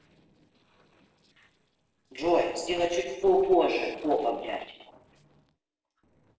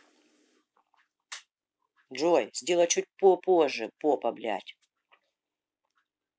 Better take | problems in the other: second | noise reduction (neural separator model SepFormer DNS4)

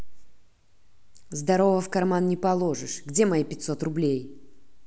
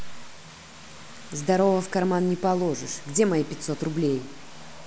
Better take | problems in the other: first | background sound (Vehicle); 19 dB below the speech

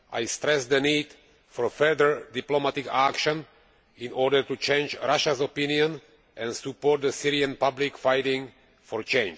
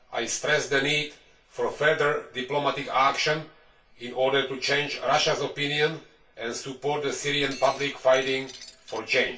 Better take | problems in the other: first | background sound (Shatter); 18 dB below the speech // room echo; dies away in 0.2 s

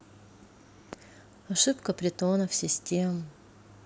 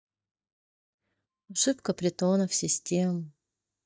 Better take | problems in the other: first | noise reduction (neural mask model DeepFilterNet 3)

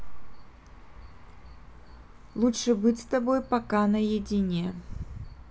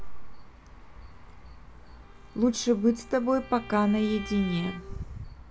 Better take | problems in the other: first | background sound (Bowed string instrument); 19 dB below the speech

